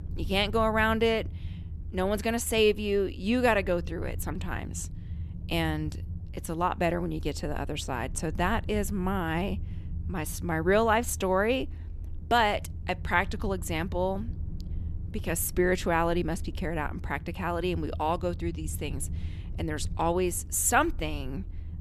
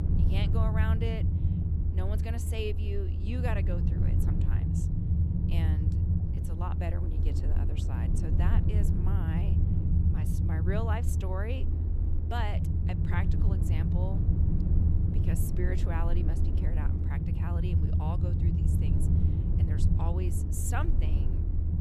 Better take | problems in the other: first | low rumble; loud; throughout; 1 dB below the speech; faint in the first

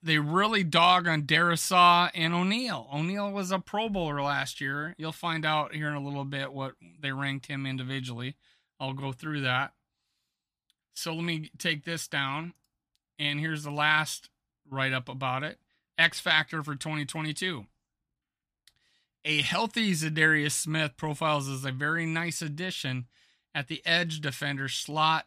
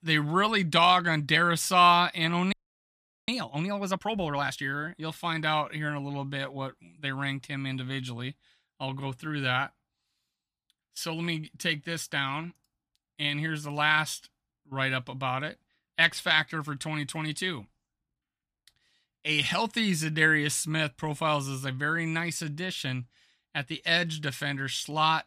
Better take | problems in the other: first | audio freezing; at 2.5 s for 1 s

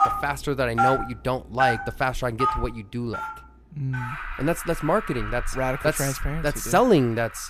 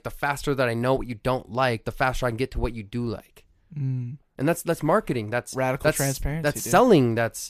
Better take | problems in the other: second | alarms or sirens; loud; throughout; 4 dB below the speech

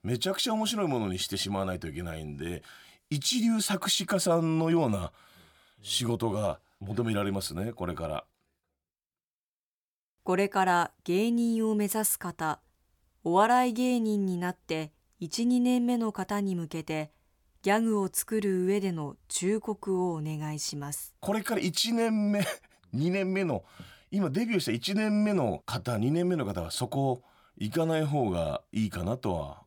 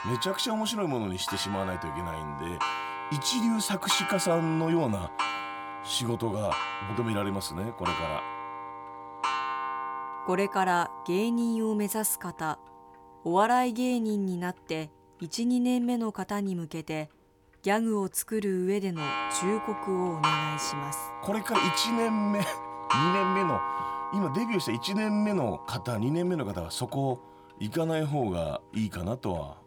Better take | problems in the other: first | household noises; loud; throughout; 4 dB below the speech

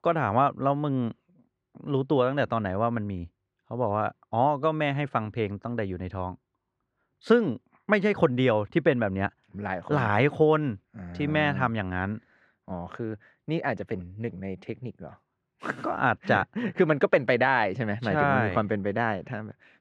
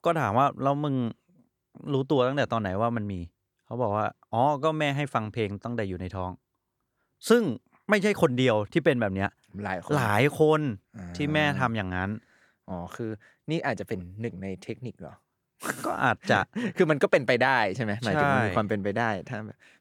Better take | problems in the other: second | muffled; slightly; fading above 3 kHz

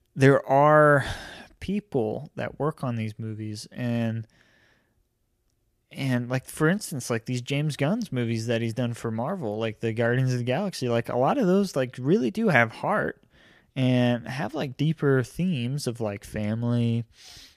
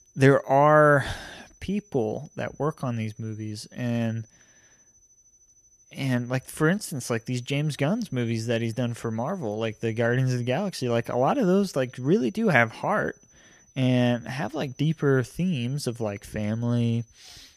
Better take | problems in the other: first | high-pitched whine; faint; throughout; 6 kHz, 30 dB below the speech

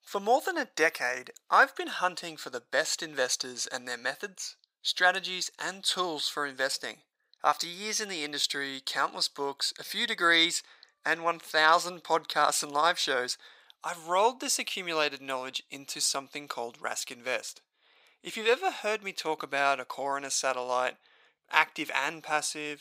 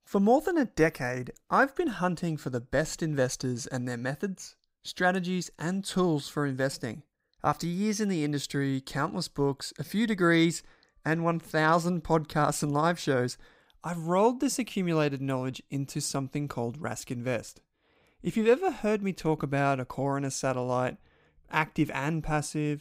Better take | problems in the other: second | thin; very; fading below 700 Hz

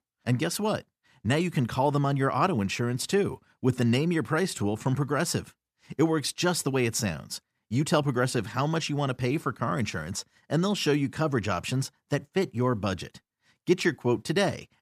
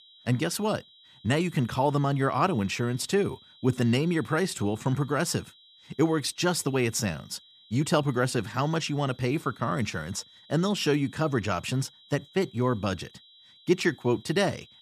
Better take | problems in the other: first | high-pitched whine; faint; throughout; 4 kHz, 25 dB below the speech

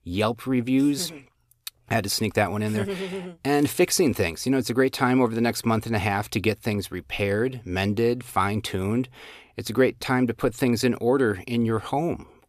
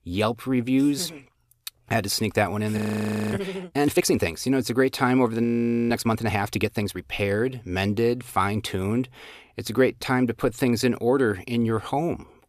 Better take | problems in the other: first | audio freezing; at 3 s for 0.5 s and at 5.5 s

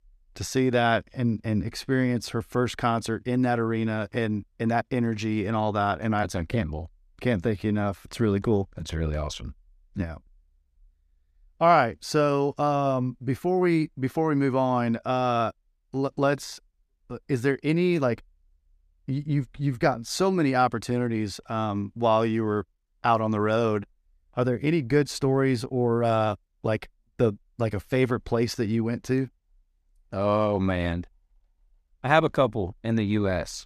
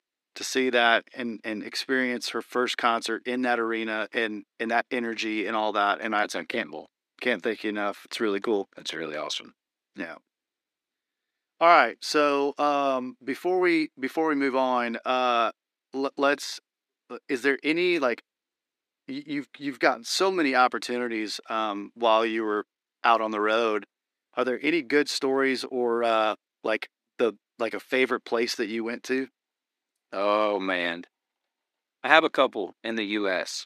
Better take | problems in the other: first | thin; somewhat; fading below 300 Hz

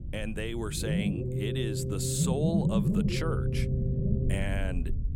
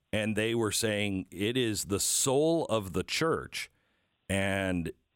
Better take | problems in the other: second | low rumble; loud; throughout; 2 dB below the speech

